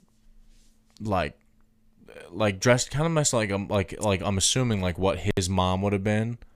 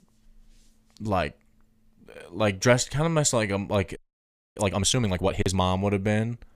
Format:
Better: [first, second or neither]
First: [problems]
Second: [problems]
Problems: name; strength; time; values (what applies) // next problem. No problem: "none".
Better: first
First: none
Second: audio freezing; at 4 s for 0.5 s